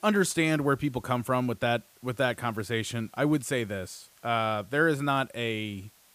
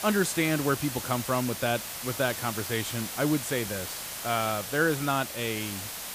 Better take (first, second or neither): first